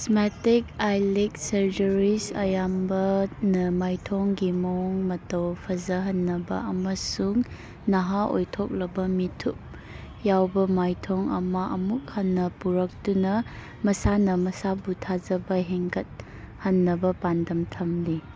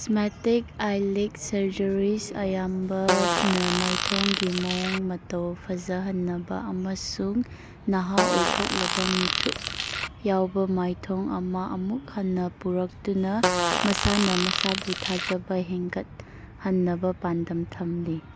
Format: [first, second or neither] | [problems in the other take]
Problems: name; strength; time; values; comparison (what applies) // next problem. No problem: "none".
first | background sound (Fart); as loud as the speech